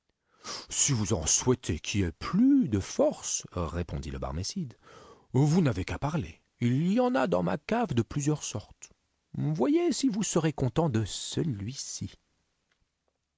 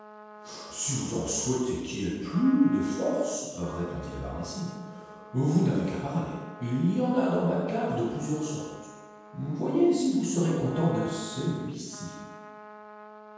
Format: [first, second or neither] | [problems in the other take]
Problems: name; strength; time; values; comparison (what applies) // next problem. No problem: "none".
first | background sound (Trumpet); 18 dB below the speech // room echo; dies away in 1.2 s